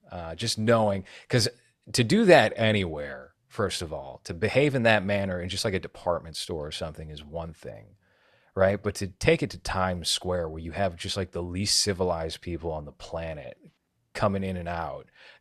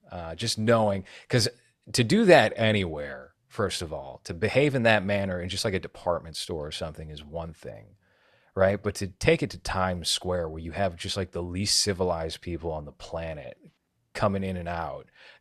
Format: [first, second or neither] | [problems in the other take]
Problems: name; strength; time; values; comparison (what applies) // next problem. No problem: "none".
neither | none